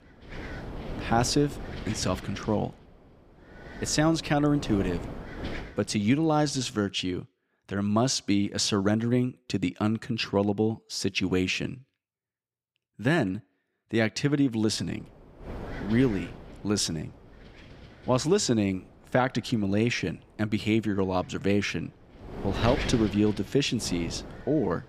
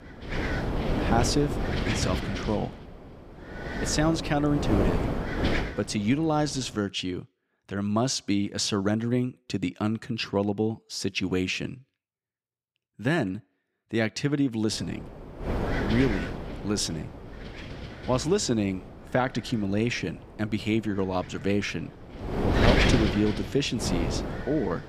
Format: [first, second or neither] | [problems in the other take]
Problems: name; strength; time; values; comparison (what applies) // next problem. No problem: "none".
first | wind noise on the microphone; heavy; until 7 s and from 15 s on; 2 dB below the speech; occasional gusts in the first